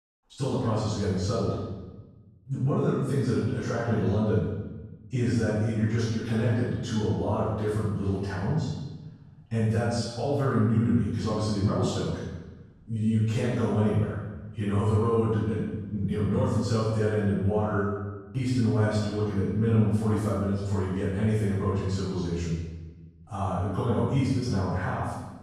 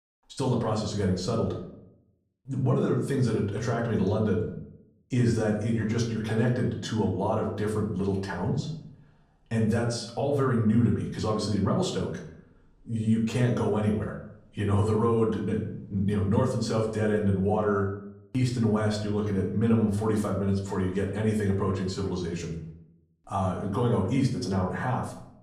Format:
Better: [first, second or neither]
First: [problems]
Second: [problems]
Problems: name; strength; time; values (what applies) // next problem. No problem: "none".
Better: second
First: room echo; strong; dies away in 1.1 s // off-mic speech; far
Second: room echo; slight; dies away in 0.5 s // off-mic speech; far